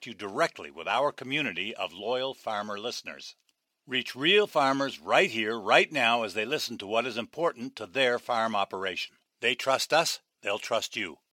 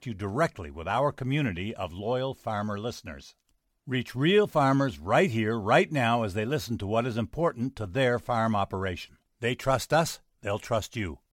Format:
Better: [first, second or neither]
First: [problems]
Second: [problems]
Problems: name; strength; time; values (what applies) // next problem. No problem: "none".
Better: second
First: thin; somewhat; fading below 350 Hz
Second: none